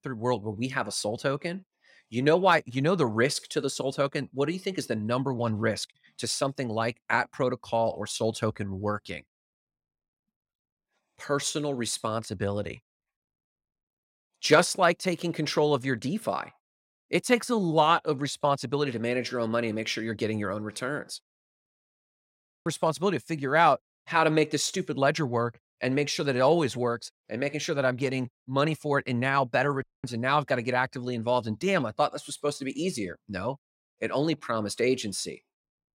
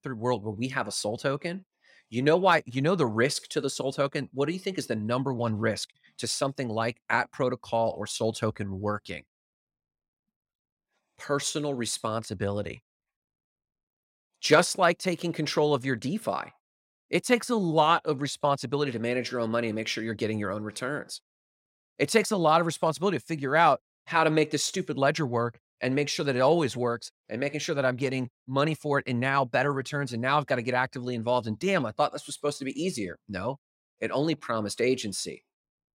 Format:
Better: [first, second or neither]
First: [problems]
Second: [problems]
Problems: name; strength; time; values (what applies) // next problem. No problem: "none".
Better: second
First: audio cutting out; at 22 s for 0.5 s and at 30 s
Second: none